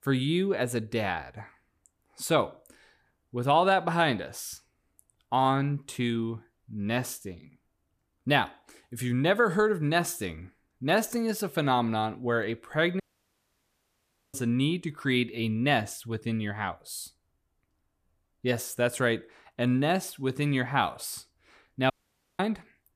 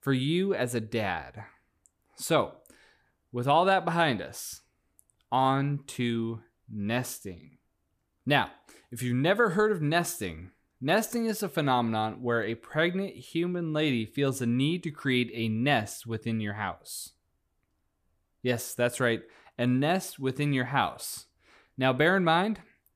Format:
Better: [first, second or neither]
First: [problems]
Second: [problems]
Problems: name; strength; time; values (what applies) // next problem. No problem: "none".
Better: second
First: audio cutting out; at 13 s for 1.5 s and at 22 s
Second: none